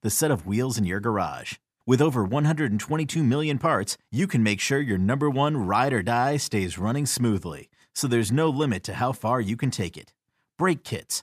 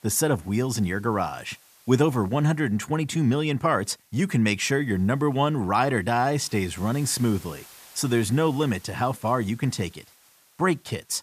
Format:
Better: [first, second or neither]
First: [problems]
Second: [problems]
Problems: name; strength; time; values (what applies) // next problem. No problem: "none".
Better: first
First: none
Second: hiss; faint; throughout; 25 dB below the speech